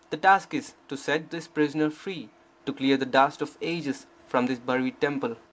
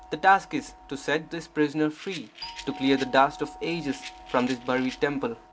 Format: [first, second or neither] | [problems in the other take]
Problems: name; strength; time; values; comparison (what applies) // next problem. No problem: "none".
first | background sound (Rattle + Doorbell); 17 dB below the speech